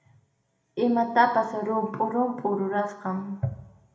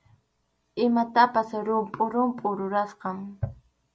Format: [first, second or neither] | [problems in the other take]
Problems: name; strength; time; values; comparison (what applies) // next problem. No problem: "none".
second | room echo; dies away in 0.8 s